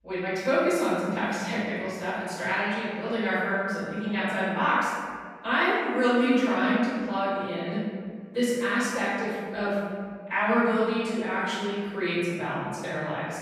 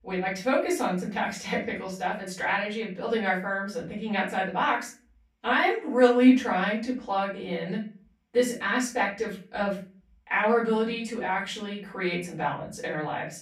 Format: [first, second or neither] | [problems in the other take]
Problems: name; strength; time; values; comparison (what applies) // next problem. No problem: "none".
second | room echo; strong; dies away in 1.8 s; slight in the second // off-mic speech; far; far in the second